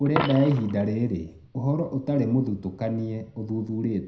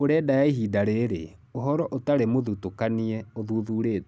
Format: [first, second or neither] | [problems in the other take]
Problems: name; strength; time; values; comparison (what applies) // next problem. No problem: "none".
second | background sound (Coin (dropping)); 12 dB below the speech // room echo; dies away in 0.5 s